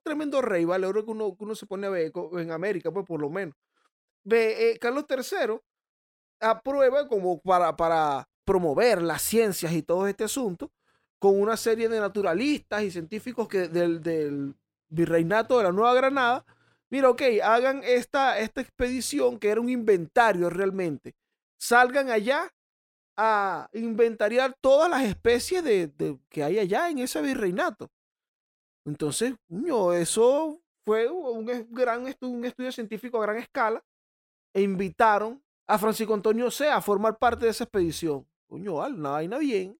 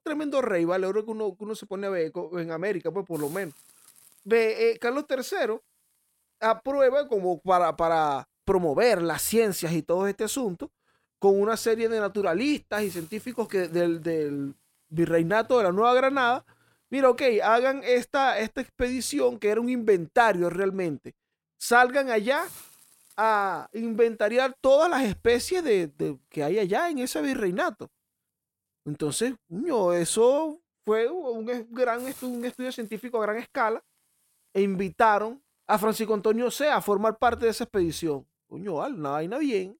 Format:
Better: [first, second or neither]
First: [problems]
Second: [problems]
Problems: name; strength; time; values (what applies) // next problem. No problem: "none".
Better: first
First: none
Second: hiss; faint; throughout; 25 dB below the speech